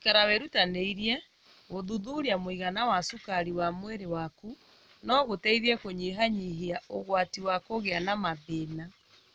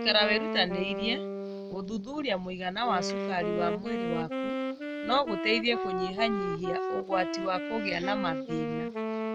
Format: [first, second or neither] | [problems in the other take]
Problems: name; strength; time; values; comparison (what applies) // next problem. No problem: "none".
first | background sound (Wind instrument, woodwind instrument); 2 dB below the speech